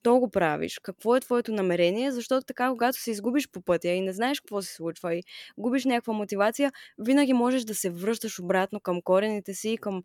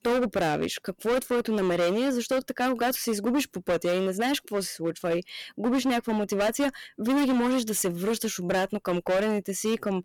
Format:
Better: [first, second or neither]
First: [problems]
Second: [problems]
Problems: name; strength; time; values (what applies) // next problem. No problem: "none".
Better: first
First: none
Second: distortion; heavy; 18% of the sound clipped